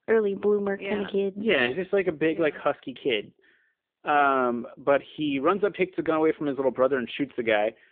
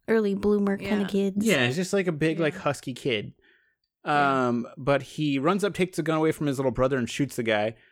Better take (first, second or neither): second